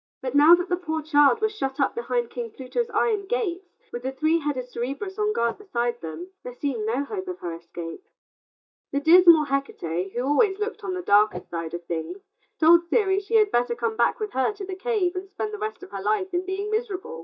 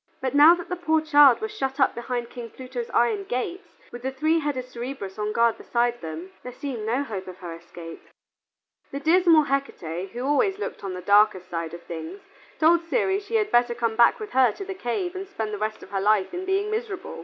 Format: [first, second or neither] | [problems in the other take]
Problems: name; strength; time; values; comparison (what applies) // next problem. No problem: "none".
second | noise reduction (neural mask model DeepFilterNet 3)